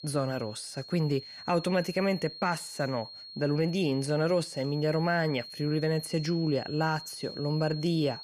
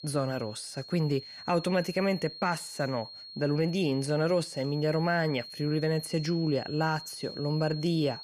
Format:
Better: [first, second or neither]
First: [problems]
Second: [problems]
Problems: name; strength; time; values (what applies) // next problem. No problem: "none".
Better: neither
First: high-pitched whine; noticeable; throughout; 4.5 kHz, 10 dB below the speech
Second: high-pitched whine; noticeable; throughout; 4.5 kHz, 10 dB below the speech